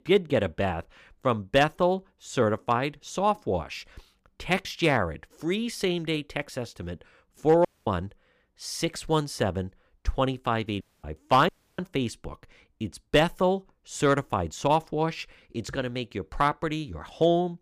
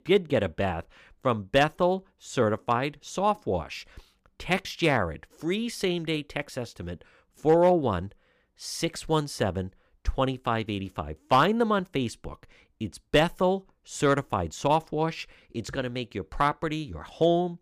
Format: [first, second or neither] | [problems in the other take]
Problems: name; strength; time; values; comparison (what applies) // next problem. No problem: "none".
second | audio cutting out; at 7.5 s and at 11 s